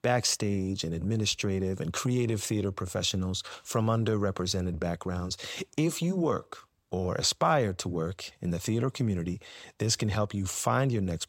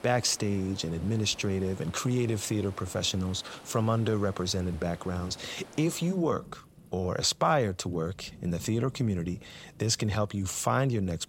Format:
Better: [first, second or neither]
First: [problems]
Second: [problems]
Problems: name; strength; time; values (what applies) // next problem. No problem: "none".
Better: first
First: none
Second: rain or running water; faint; throughout; 20 dB below the speech